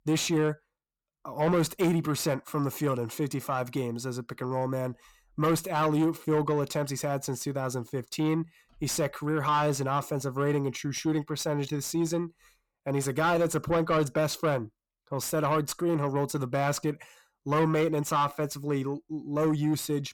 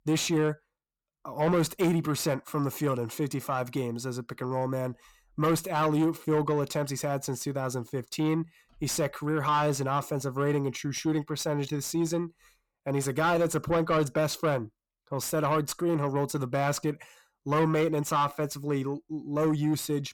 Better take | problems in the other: neither | distortion; slight; 10 dB below the speech; the same in both

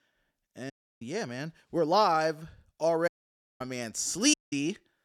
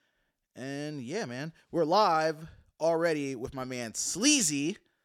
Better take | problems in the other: second | audio cutting out; at 0.5 s, at 3 s for 0.5 s and at 4.5 s

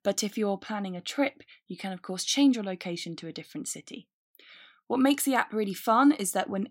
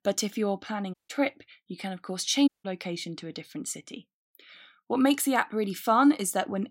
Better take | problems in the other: first | audio cutting out; at 1 s and at 2.5 s

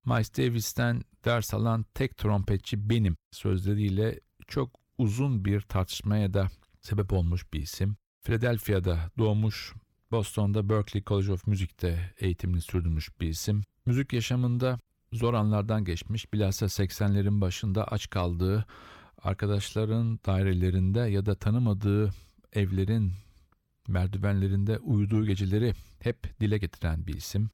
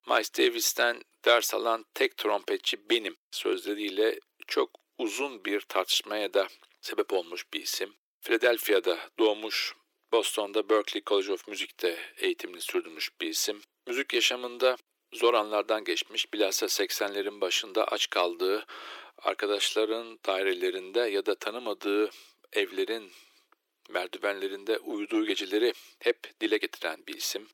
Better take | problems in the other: first | thin; very; fading below 350 Hz

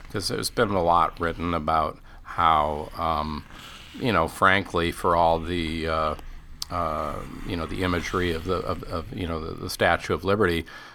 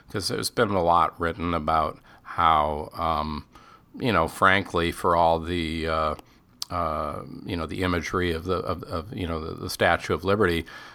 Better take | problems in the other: second | hiss; faint; throughout; 20 dB below the speech

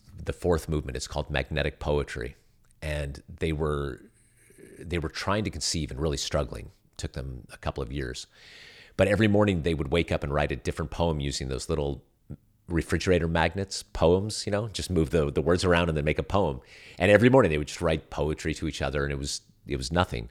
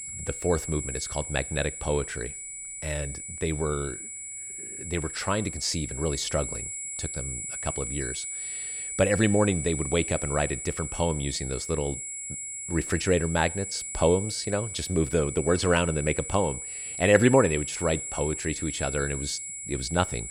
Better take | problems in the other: first | high-pitched whine; loud; throughout; 7.5 kHz, 6 dB below the speech

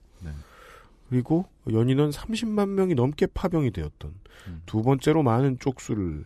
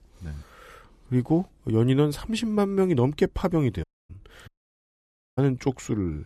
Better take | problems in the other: first | audio cutting out; at 4 s and at 4.5 s for 1 s

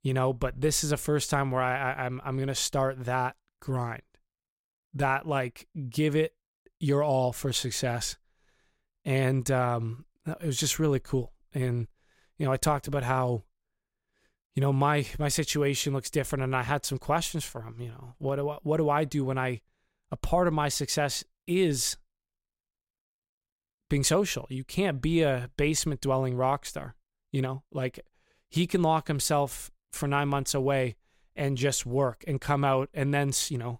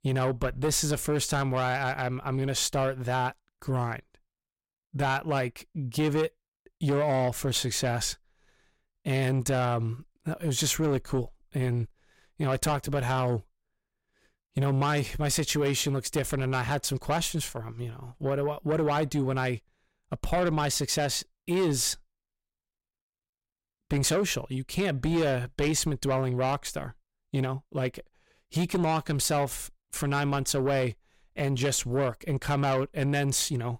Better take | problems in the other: first | distortion; slight; 10 dB below the speech

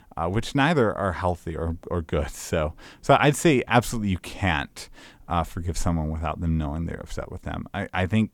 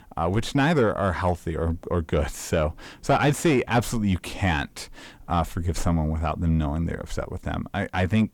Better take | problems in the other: first | distortion; slight; 10 dB below the speech

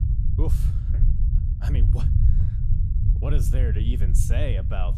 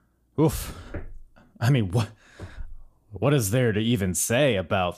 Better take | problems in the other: second | low rumble; loud; throughout; 3 dB below the speech

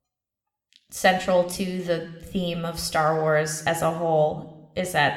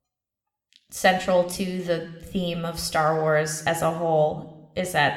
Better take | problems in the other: neither | room echo; very slight; dies away in 0.7 s; the same in both

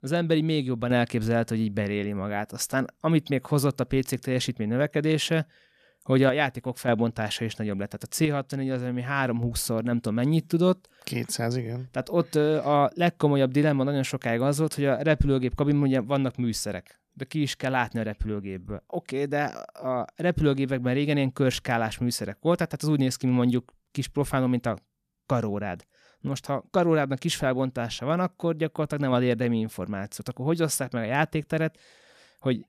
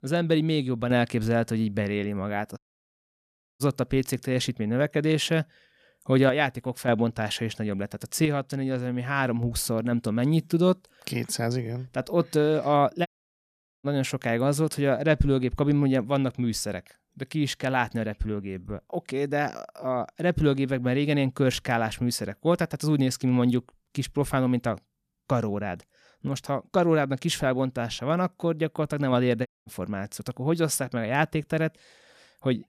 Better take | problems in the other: first | audio cutting out; at 2.5 s for 1 s, at 13 s for 1 s and at 29 s

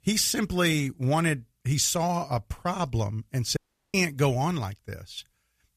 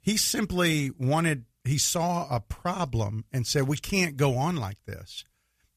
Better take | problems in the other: second | audio cutting out; at 3.5 s

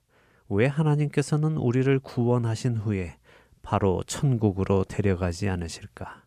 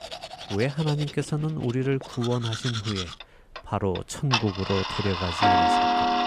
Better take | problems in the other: first | household noises; very loud; throughout; 2 dB above the speech

